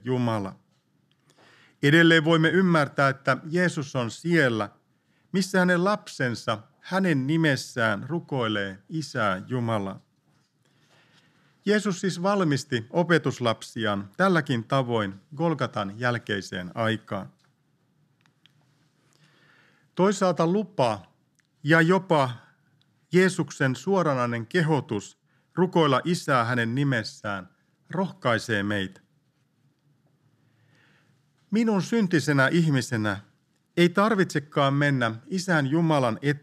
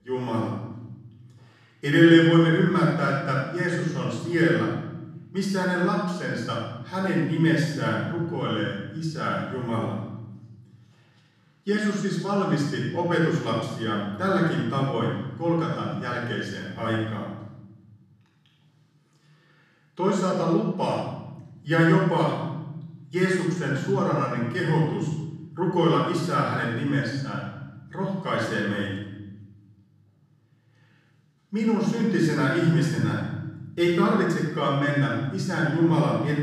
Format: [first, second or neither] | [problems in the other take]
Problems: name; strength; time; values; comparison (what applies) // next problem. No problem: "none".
first | room echo; noticeable; dies away in 1.2 s // off-mic speech; far